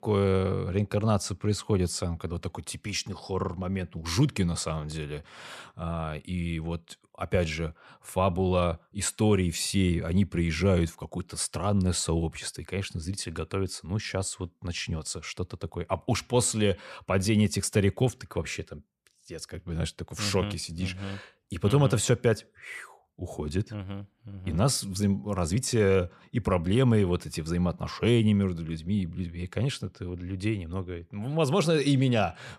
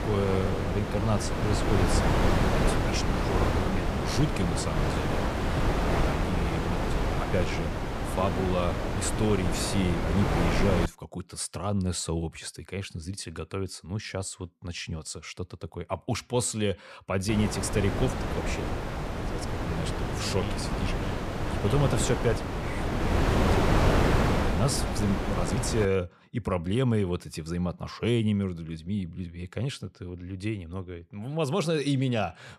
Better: first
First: none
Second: wind noise on the microphone; heavy; until 11 s and from 17 to 26 s; 3 dB above the speech

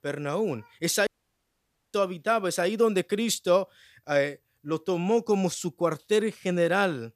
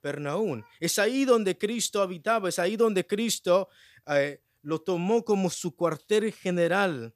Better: second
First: audio cutting out; at 1 s for 1 s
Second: none

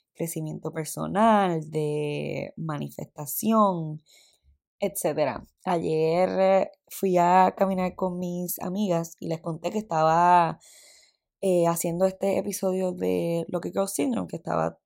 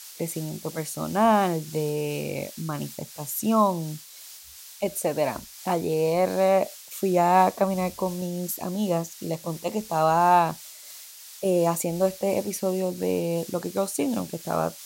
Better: first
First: none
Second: hiss; noticeable; throughout; 15 dB below the speech

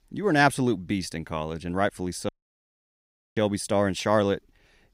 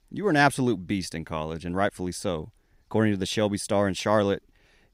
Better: second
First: audio cutting out; at 2.5 s for 1 s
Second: none

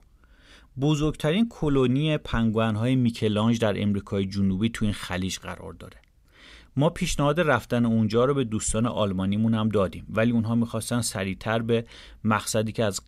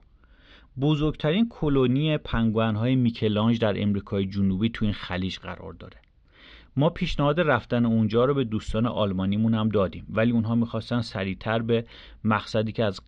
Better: first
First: none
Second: muffled; slightly; fading above 4 kHz

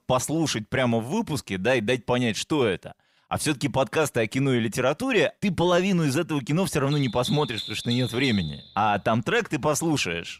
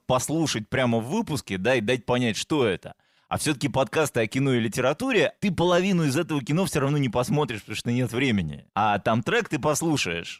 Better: second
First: machinery noise; loud; from 7 s on; 9 dB below the speech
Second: none

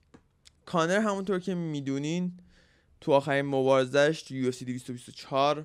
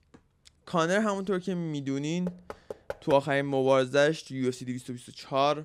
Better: first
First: none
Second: door banging; faint; at 2.5 s; peak 10 dB below the speech

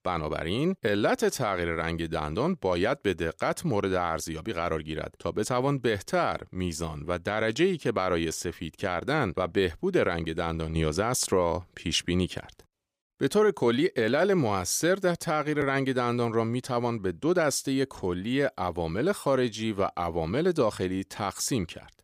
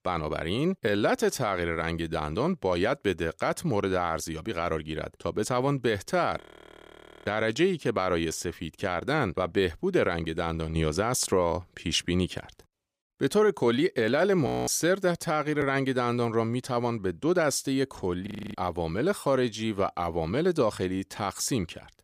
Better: first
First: none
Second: audio freezing; at 6.5 s for 1 s, at 14 s and at 18 s

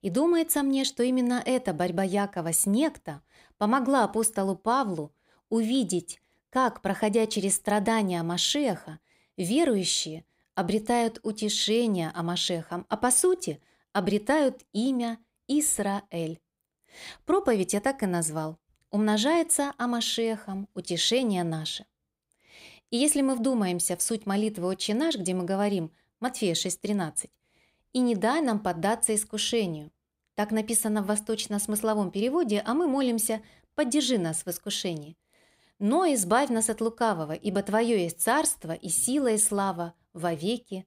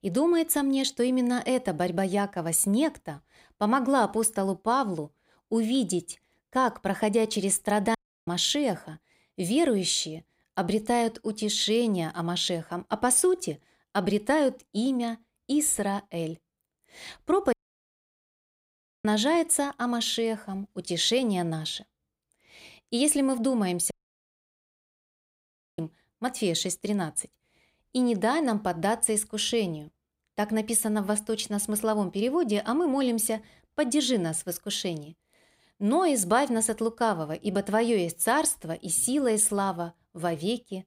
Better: first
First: none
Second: audio cutting out; at 8 s, at 18 s for 1.5 s and at 24 s for 2 s

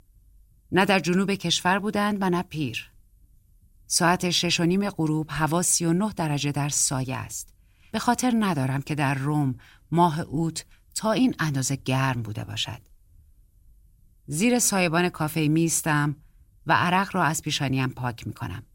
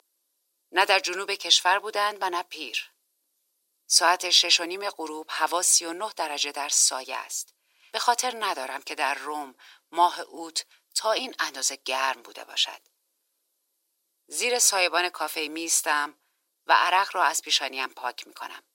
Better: first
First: none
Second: thin; very; fading below 400 Hz

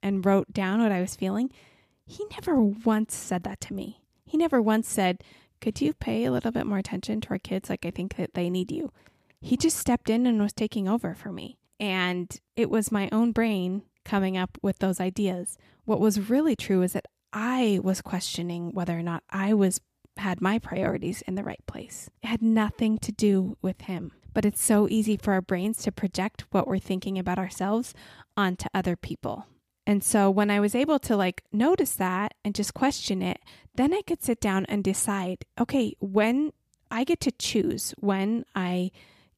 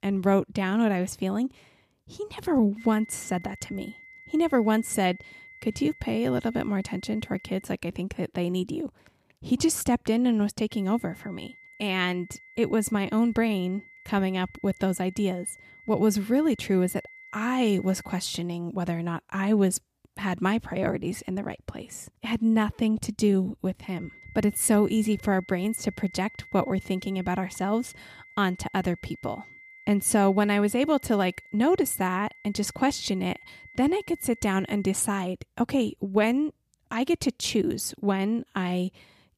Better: first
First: none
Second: high-pitched whine; faint; from 3 to 7.5 s, from 11 to 18 s and from 24 to 35 s; 2 kHz, 20 dB below the speech

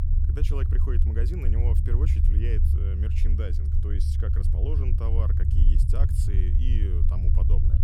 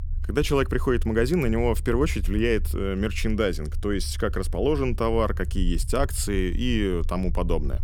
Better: second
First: low rumble; loud; throughout; as loud as the speech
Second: low rumble; faint; throughout; 25 dB below the speech

